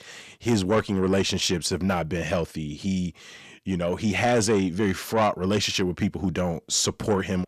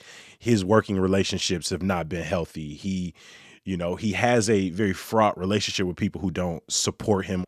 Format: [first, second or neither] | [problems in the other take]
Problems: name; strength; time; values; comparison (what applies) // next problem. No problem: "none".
second | distortion; slight; 10 dB below the speech